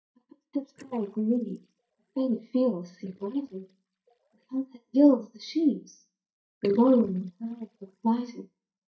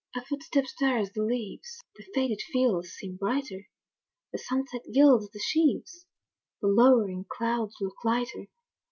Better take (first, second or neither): second